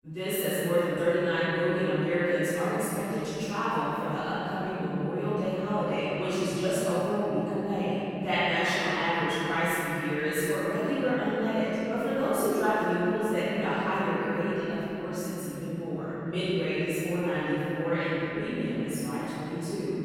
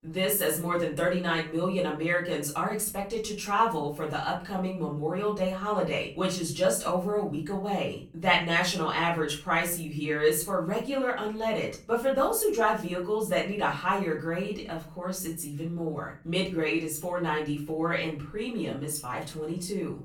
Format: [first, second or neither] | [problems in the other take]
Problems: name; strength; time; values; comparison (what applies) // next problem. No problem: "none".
second | room echo; strong; dies away in 3 s; slight in the second // off-mic speech; far; far in the second